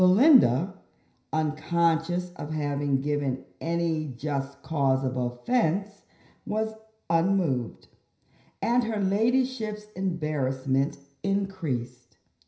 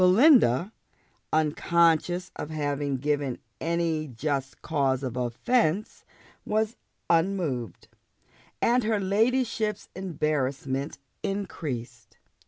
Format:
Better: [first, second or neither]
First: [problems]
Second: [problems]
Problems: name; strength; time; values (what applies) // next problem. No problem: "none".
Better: second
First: room echo; dies away in 0.5 s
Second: none